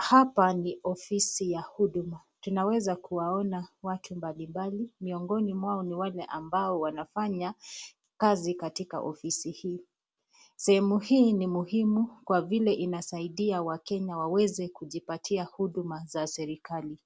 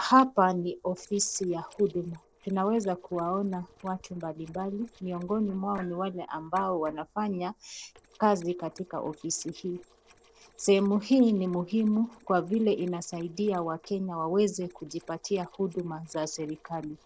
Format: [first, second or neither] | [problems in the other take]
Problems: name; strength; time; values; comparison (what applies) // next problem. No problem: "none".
first | noise reduction (neural separator model SepFormer DNS4)